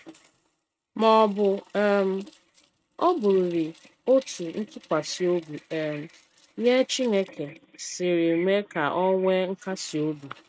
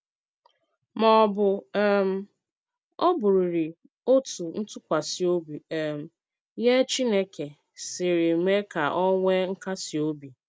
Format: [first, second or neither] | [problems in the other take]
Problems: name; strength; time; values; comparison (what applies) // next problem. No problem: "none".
second | noise reduction (neural mask model RNNoise)